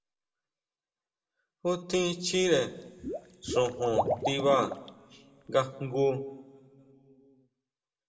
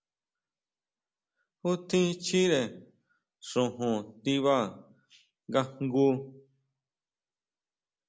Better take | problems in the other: second | background sound (Liquid); 4 dB below the speech // room echo; dies away in 1.2 s

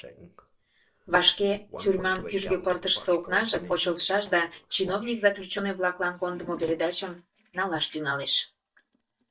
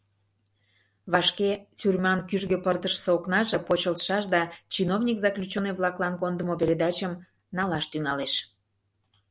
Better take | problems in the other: second | noise reduction (neural mask model DeepFilterNet 3)

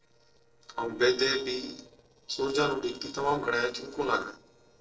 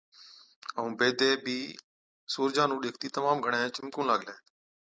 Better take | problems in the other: second | noise reduction (neural separator model SepFormer DNS4)

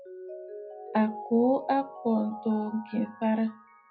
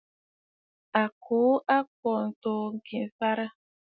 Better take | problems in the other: second | background sound (Mallet percussion); 14 dB below the speech // room echo; dies away in 0.5 s

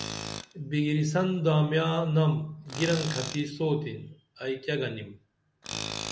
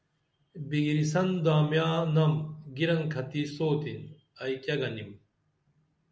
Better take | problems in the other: second | background sound (Tools); 12 dB below the speech

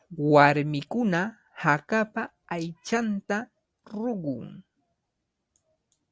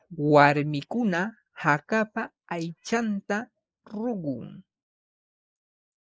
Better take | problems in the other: first | noise reduction (neural mask model Resemble Enhance denoiser)

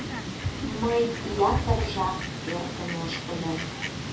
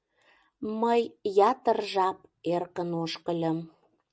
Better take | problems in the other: second | background sound (Fowl); 1 dB below the speech // room echo; dies away in 0.3 s

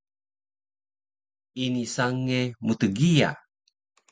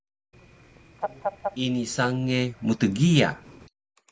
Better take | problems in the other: first | background sound (Fowl); 11 dB below the speech

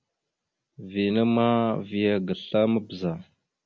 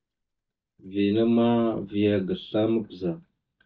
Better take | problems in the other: first | noise reduction (neural mask model DeepFilterNet 3)

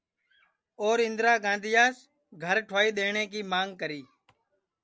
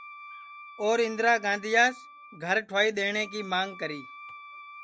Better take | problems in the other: first | background sound (Wind instrument, woodwind instrument); 18 dB below the speech

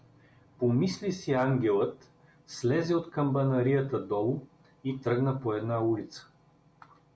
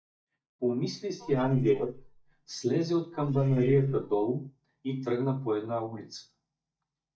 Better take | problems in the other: first | noise reduction (neural mask model DeepFilterNet 3)

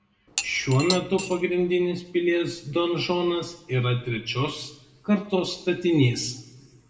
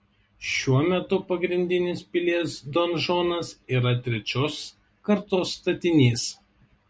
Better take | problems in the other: second | background sound (Cutlery, silverware / Dishes, pots, and pans); 8 dB below the speech // room echo; dies away in 0.8 s

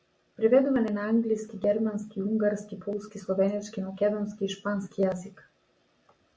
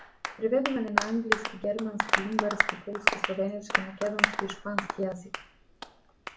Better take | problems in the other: first | background sound (Applause); 1 dB above the speech

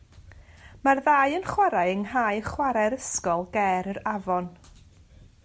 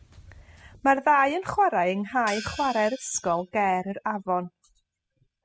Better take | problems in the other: first | noise reduction (classical method spectral subtraction)

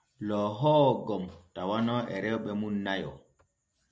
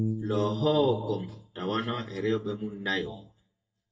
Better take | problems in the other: first | noise reduction (neural mask model DeepFilterNet 3)

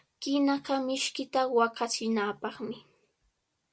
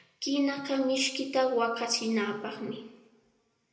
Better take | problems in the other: first | room echo; dies away in 0.7 s

